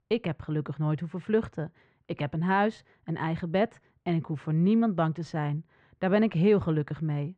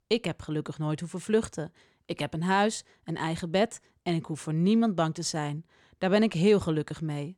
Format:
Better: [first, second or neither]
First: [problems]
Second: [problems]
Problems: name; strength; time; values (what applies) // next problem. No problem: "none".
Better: second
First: muffled; very; fading above 2 kHz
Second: none